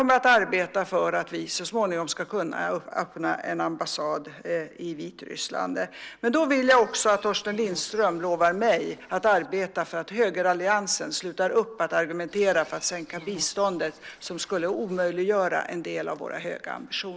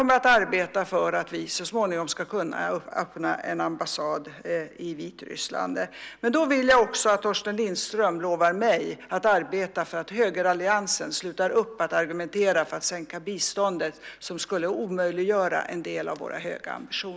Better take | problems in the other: second | noise reduction (neural separator model SepFormer DNS4)

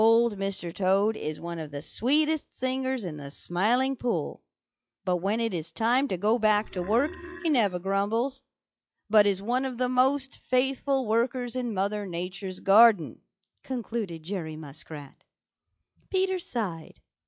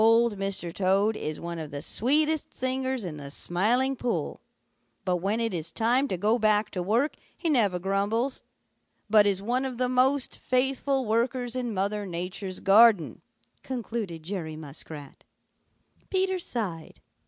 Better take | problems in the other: second | noise reduction (classical method log-MMSE)

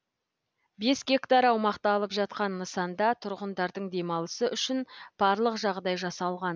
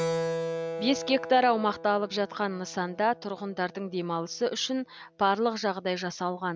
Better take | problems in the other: first | background sound (Keyboard (musical)); 9 dB below the speech

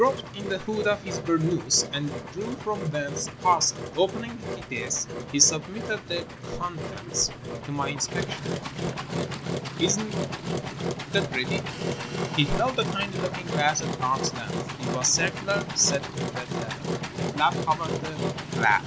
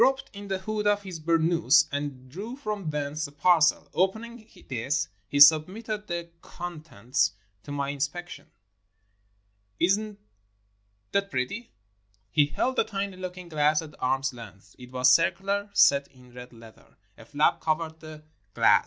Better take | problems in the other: second | background sound (Engine); 4 dB below the speech

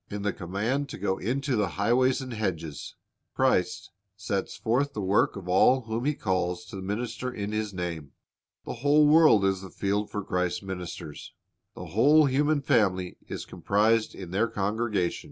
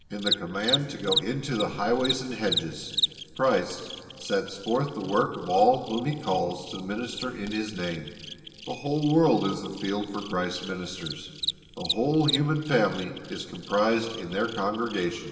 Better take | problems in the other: first | background sound (Cricket); 8 dB below the speech // room echo; dies away in 2.9 s

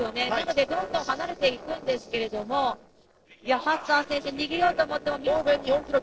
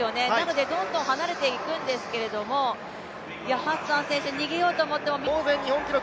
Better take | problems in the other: second | noise reduction (neural separator model SepFormer DNS4)

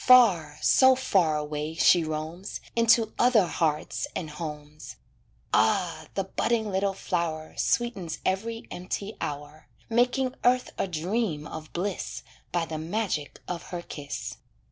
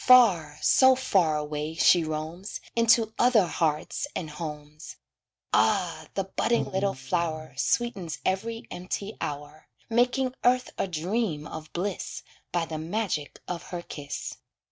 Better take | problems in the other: first | noise reduction (neural mask model RNNoise)

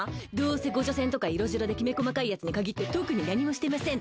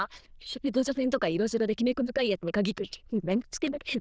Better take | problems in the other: first | noise reduction (neural diffusion model UNIVERSE++)

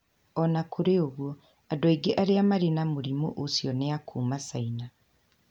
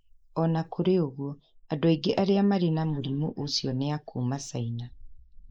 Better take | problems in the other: first | noise reduction (neural mask model Resemble Enhance denoiser)

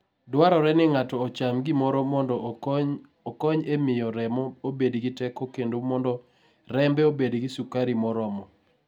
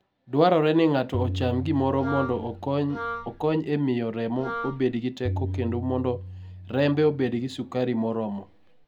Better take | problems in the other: first | background sound (Tabla + Wind instrument, woodwind instrument); 9 dB below the speech

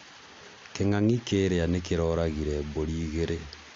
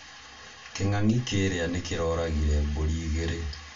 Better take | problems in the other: first | room echo; dies away in 0.2 s

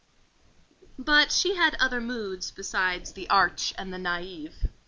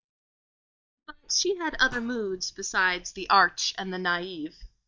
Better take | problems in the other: first | noise reduction (neural mask model DeepFilterNet 3)

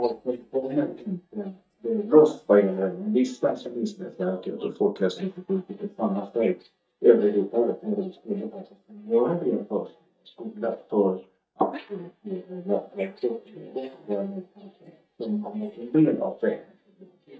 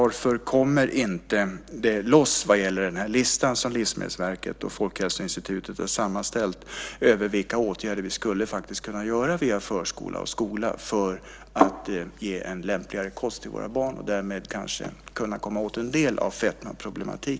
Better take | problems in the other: second | noise reduction (neural mask model DeepFilterNet 3)

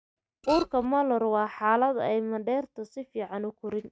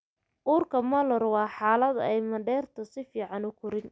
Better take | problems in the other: second | noise reduction (neural mask model RNNoise)

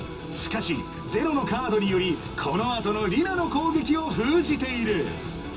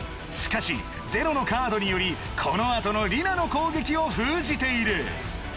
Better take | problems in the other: second | room echo; dies away in 0.2 s

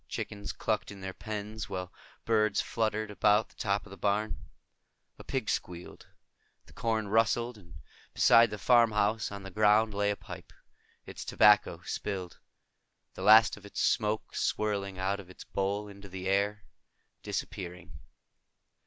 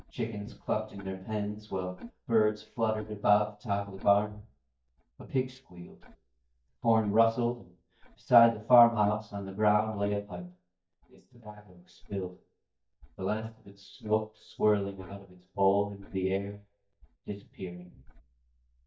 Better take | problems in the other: first | noise reduction (neural mask model DeepFilterNet 3)

